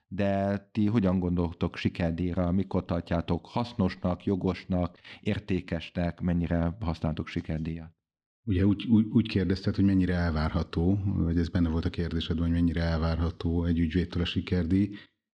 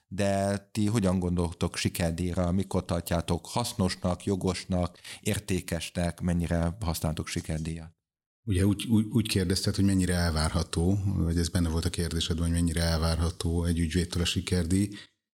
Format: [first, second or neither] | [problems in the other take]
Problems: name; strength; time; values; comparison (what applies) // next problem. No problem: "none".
second | muffled; slightly; fading above 3.5 kHz